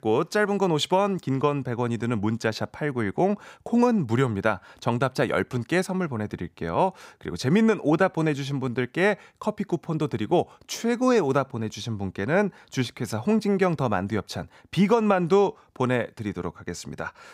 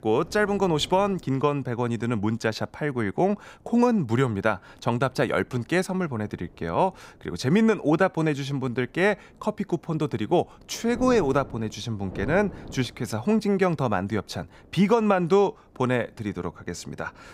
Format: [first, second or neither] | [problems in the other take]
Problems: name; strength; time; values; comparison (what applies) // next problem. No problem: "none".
first | wind noise on the microphone; occasional gusts; 25 dB below the speech